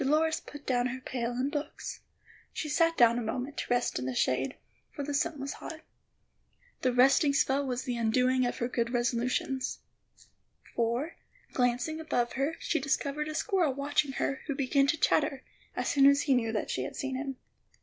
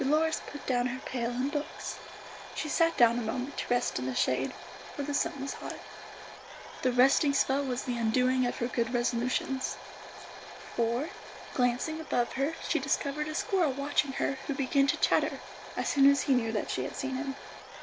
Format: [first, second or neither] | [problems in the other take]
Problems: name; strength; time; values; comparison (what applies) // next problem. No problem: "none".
first | background sound (Domestic sounds, home sounds); 14 dB below the speech